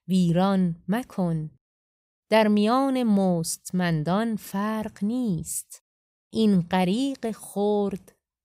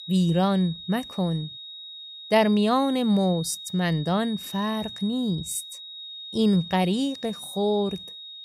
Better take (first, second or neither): first